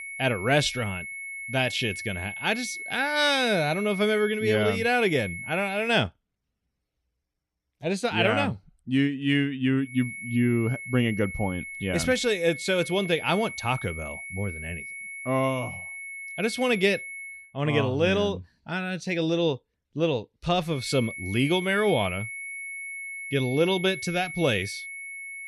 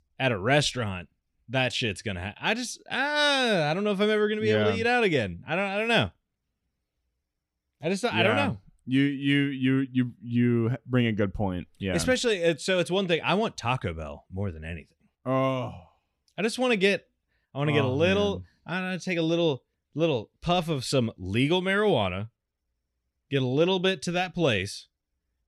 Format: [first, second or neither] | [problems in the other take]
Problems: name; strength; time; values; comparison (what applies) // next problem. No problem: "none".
second | high-pitched whine; loud; until 6 s, from 10 to 17 s and from 21 s on; 2 kHz, 9 dB below the speech